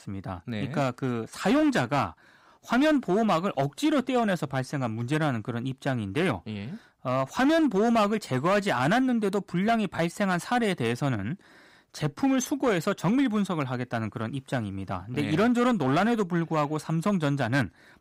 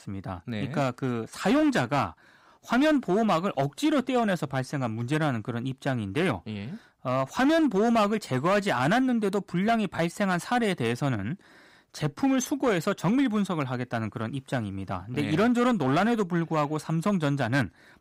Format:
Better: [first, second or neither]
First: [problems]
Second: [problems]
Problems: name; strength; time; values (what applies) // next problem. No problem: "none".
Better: neither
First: distortion; slight; 7% of the sound clipped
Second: distortion; slight; 7% of the sound clipped